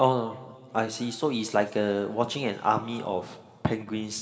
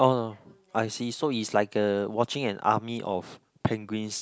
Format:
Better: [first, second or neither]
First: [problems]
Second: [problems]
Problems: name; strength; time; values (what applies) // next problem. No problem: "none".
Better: second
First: room echo; dies away in 1.7 s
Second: none